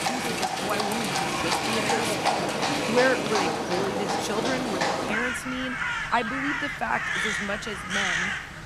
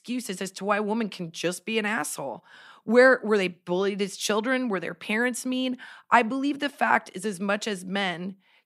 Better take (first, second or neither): second